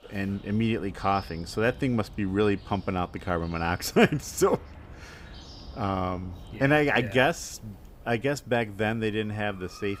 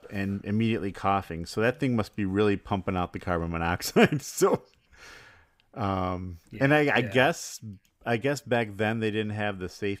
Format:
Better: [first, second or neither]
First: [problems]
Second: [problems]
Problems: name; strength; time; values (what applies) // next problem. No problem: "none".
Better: second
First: animal sounds; faint; throughout; 20 dB below the speech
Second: none